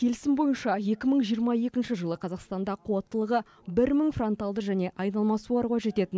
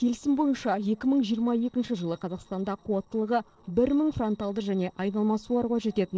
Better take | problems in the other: first | noise reduction (neural separator model SepFormer DNS4)

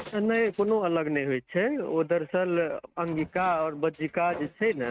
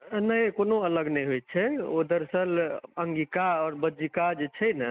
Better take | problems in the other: second | noise reduction (neural mask model RNNoise)

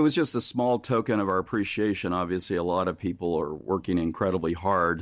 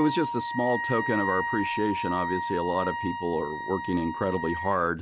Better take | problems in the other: first | background sound (Wind instrument, woodwind instrument); 4 dB below the speech

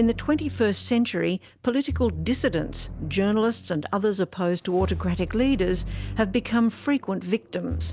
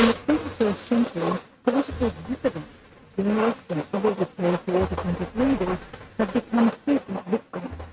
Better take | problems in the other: first | noise reduction (neural mask model RNNoise)

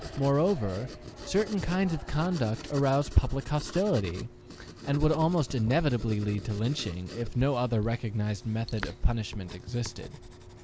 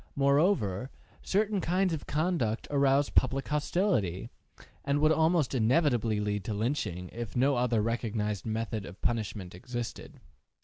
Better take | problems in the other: second | background sound (Writing); 14 dB below the speech

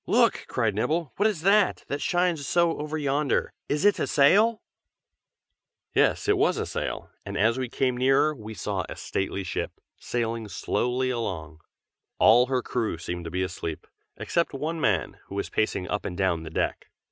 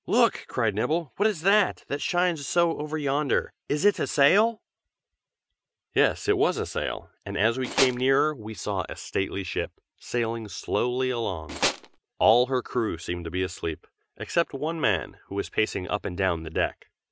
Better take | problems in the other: first | background sound (Tools); 2 dB below the speech

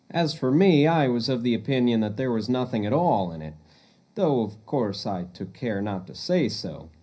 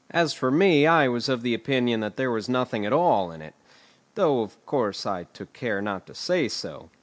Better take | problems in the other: second | room echo; dies away in 0.5 s

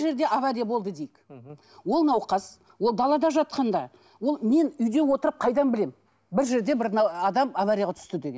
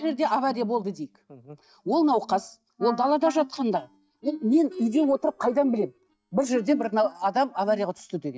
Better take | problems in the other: first | noise reduction (neural mask model DeepFilterNet 3)

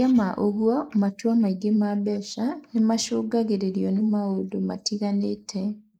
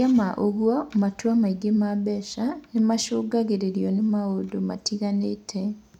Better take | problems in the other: second | noise reduction (neural mask model Resemble Enhance denoiser)

